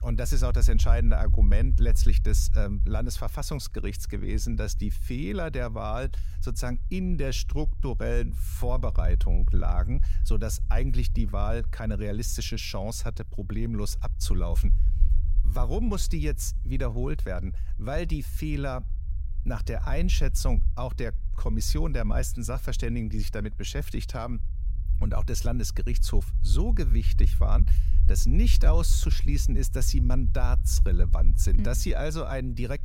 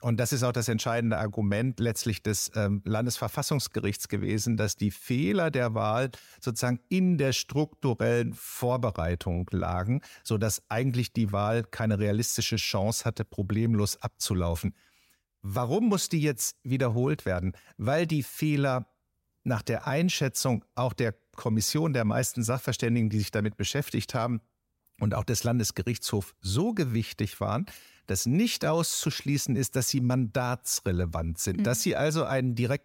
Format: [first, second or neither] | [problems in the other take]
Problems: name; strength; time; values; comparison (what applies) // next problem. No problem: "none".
second | low rumble; noticeable; throughout; 15 dB below the speech